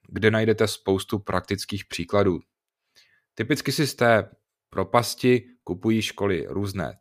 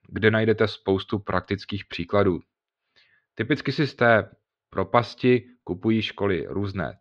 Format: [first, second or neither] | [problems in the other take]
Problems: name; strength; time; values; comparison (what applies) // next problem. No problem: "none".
first | muffled; slightly; fading above 3.5 kHz